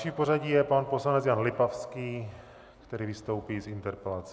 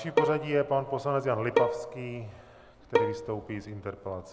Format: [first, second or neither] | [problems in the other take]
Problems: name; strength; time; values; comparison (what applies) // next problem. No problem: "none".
first | background sound (Bowed string instrument); 1 dB below the speech